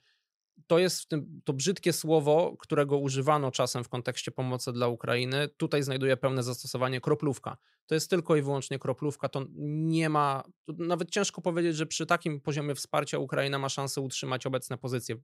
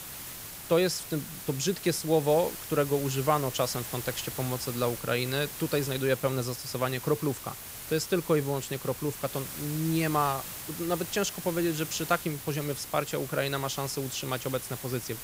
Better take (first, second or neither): first